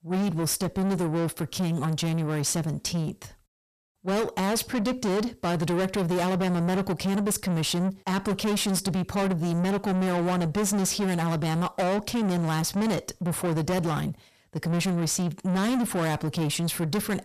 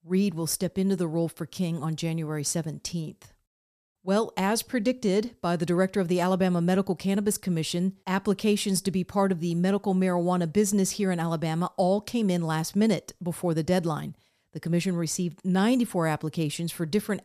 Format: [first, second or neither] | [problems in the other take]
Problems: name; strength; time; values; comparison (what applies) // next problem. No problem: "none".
second | distortion; heavy; 7 dB below the speech